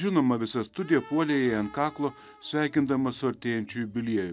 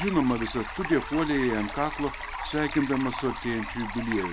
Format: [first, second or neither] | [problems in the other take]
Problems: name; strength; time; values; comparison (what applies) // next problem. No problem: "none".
first | background sound (Stream); 8 dB below the speech